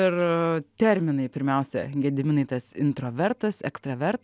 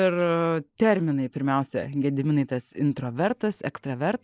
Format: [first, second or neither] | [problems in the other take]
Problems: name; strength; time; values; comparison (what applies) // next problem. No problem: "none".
first | noise reduction (neural mask model Resemble Enhance denoiser)